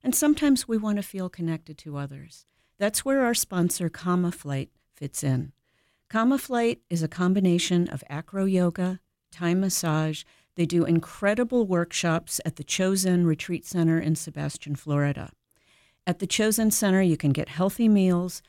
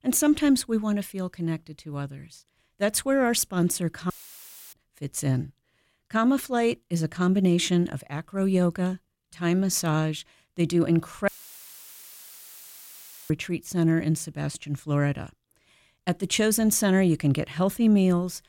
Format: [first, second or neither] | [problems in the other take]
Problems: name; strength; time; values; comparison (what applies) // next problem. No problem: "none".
first | audio cutting out; filled with static; at 4 s for 0.5 s and at 11 s for 2 s